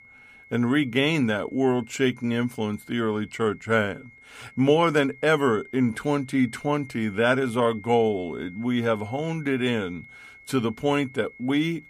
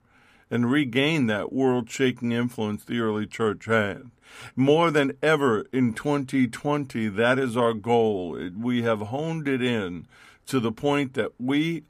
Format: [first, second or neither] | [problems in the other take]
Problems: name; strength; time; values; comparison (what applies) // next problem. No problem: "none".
second | high-pitched whine; faint; throughout; 2 kHz, 20 dB below the speech